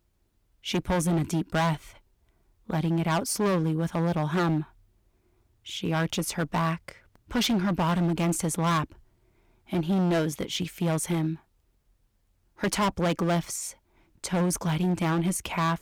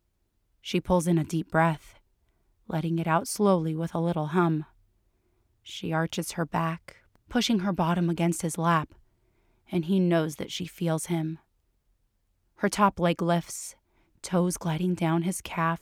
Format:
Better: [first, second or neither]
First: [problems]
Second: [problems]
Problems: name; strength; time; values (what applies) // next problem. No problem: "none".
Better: second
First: distortion; heavy; 12% of the sound clipped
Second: none